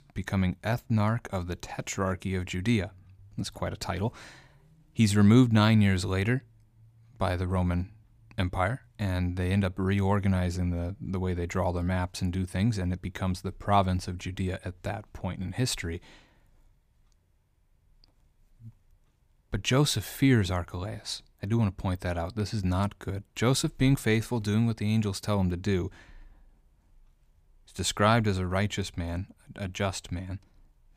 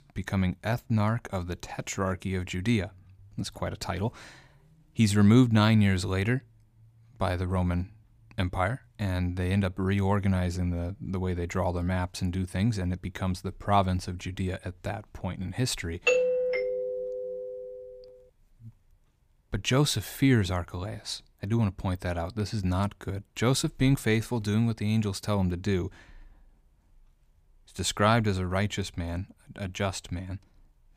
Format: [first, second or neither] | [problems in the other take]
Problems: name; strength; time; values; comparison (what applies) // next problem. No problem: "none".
first | doorbell; loud; from 16 to 18 s; peak 4 dB above the speech